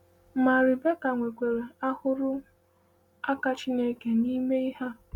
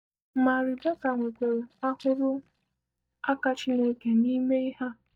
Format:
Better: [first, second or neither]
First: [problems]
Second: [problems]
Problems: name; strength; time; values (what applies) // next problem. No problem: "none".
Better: first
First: none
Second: noise reduction (neural mask model DeepFilterNet 3)